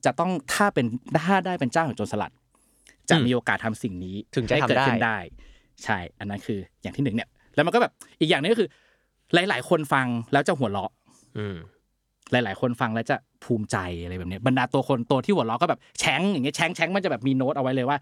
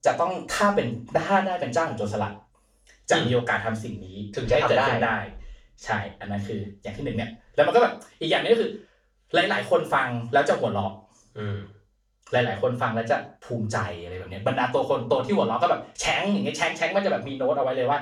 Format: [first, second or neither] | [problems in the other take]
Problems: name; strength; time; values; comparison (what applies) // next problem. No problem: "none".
first | room echo; slight; dies away in 0.3 s // off-mic speech; far